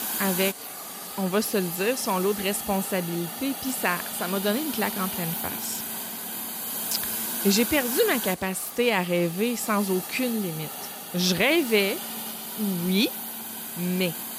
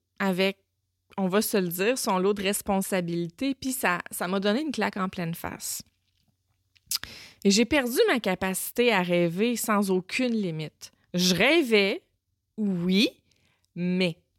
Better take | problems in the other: second | hiss; loud; throughout; 5 dB below the speech

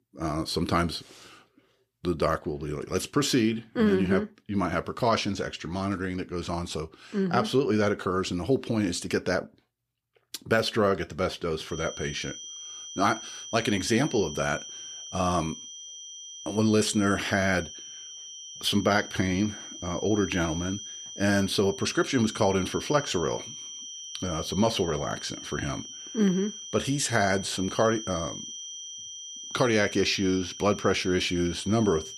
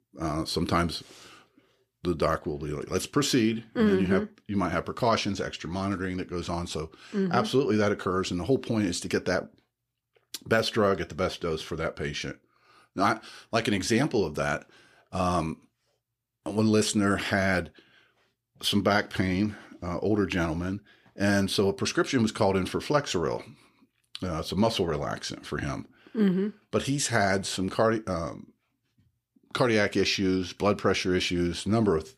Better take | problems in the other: second | high-pitched whine; noticeable; from 12 s on; 3 kHz, 10 dB below the speech

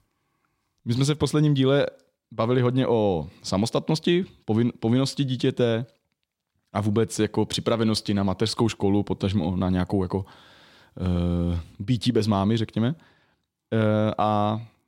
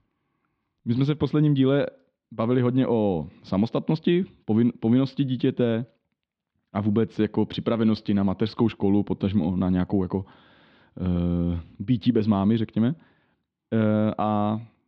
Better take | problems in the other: first | muffled; slightly; fading above 3.5 kHz

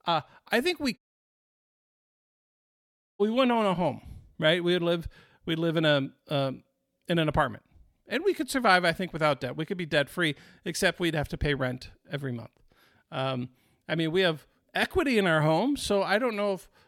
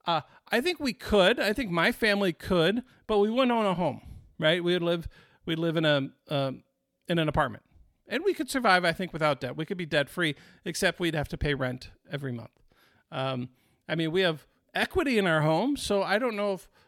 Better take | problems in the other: second | audio cutting out; at 1 s for 2 s

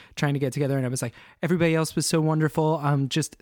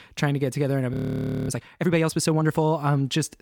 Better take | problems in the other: first | audio freezing; at 1 s for 0.5 s

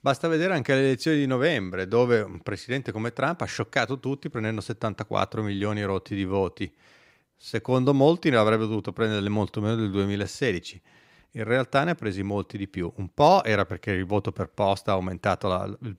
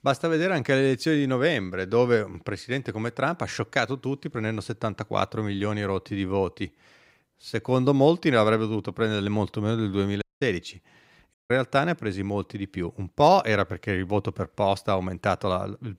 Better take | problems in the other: first | audio cutting out; at 10 s and at 11 s

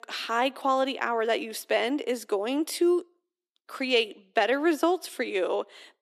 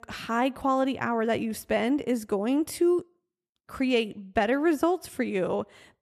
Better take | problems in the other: second | thin; very slightly; fading below 300 Hz

